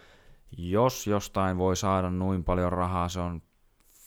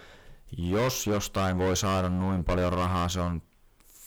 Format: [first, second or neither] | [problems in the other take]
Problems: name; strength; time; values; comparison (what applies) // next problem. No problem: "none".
first | distortion; heavy; 18% of the sound clipped